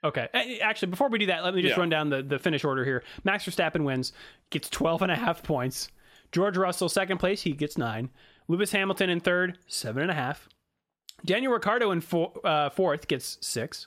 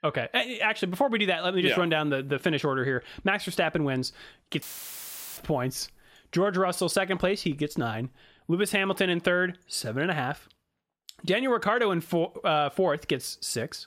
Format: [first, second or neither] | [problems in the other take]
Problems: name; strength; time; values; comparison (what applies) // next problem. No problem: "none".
first | audio cutting out; filled with static; at 4.5 s for 1 s